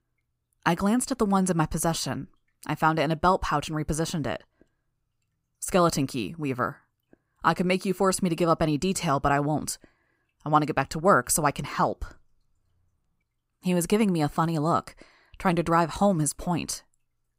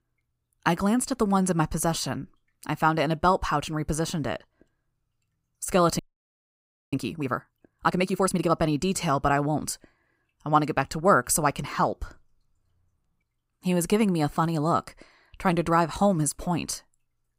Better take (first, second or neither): first